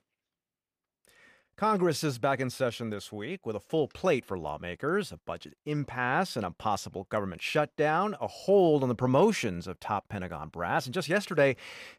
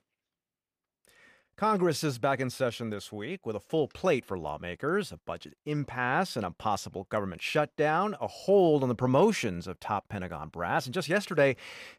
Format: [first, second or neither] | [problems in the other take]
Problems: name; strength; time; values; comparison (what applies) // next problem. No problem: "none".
neither | none